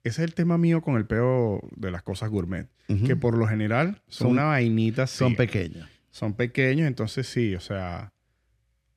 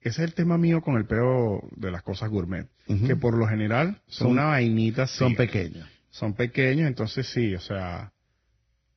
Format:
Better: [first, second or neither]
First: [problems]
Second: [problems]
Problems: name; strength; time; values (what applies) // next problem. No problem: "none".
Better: first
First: none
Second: garbled, watery; badly; nothing above 6 kHz